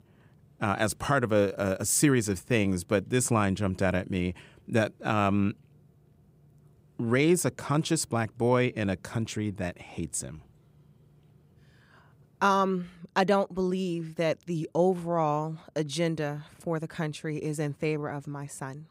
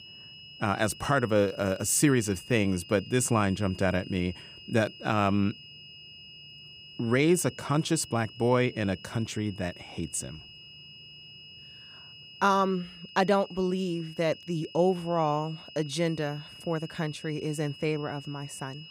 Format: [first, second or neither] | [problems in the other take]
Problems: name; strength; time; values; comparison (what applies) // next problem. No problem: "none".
first | high-pitched whine; noticeable; throughout; 3 kHz, 15 dB below the speech